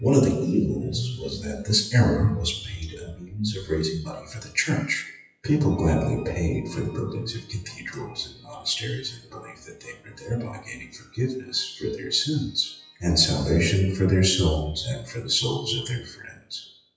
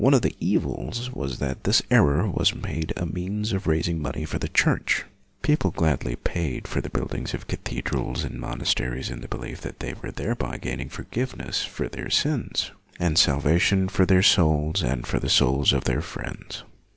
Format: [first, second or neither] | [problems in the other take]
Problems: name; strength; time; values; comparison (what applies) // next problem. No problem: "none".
second | noise reduction (classical method WPE with log-MMSE)